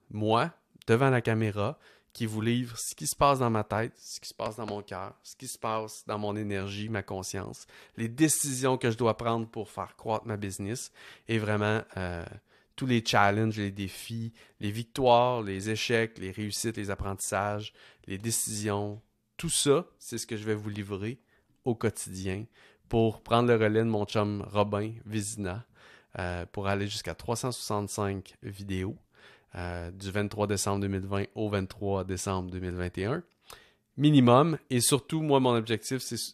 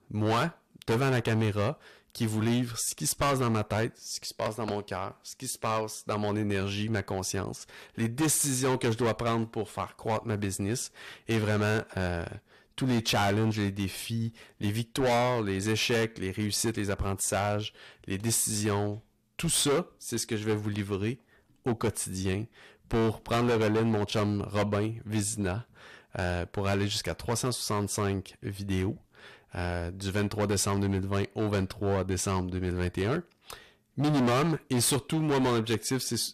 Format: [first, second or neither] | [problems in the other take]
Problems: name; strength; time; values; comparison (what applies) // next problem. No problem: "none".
first | distortion; heavy; 11% of the sound clipped